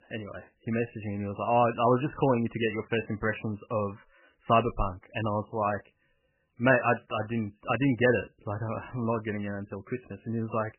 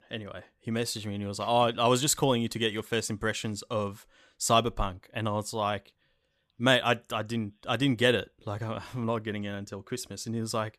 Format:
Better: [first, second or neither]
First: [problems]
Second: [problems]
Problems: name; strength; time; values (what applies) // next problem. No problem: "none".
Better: second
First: garbled, watery; badly; nothing above 3 kHz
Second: none